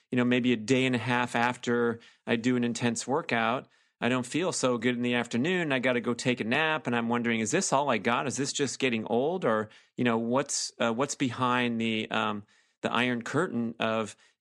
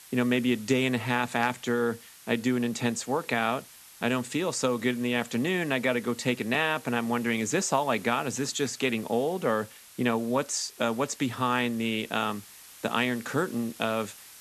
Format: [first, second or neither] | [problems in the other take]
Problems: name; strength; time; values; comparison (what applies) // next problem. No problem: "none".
first | hiss; noticeable; throughout; 20 dB below the speech